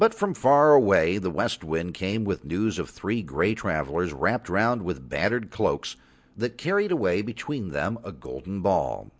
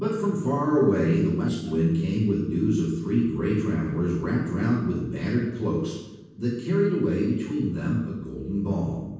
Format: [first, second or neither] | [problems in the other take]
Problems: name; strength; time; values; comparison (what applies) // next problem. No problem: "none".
first | noise reduction (neural separator model SepFormer DNS4)